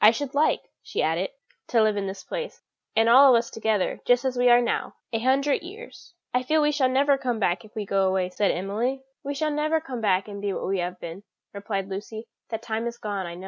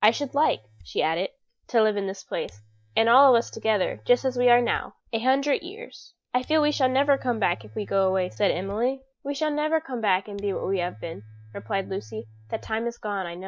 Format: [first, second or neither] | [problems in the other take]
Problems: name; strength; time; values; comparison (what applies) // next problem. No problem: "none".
first | noise reduction (neural mask model DeepFilterNet 3)